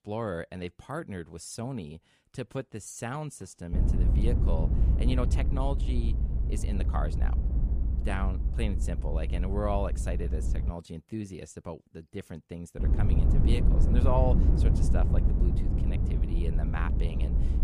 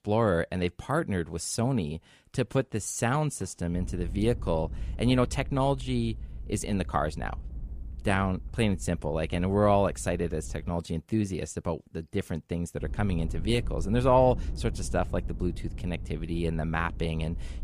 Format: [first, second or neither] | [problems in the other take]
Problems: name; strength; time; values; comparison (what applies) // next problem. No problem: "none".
second | low rumble; loud; from 3.5 to 11 s and from 13 s on; 5 dB below the speech; faint in the second